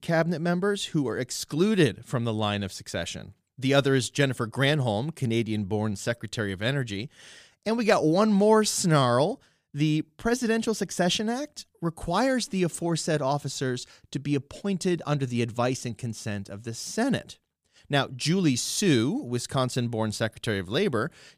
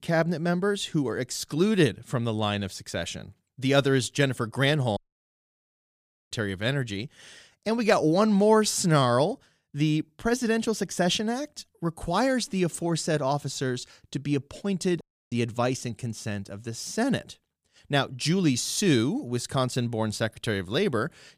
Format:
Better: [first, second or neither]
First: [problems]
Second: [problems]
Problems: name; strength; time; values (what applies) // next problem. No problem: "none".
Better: first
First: none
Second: audio cutting out; at 5 s for 1.5 s and at 15 s